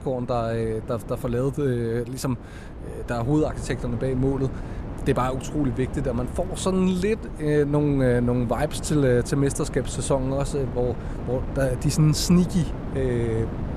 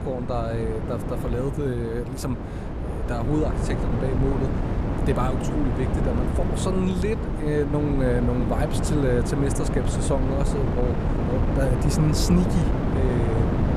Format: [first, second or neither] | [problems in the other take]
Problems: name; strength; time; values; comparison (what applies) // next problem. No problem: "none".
first | wind noise on the microphone; heavy; 2 dB below the speech; occasional gusts in the first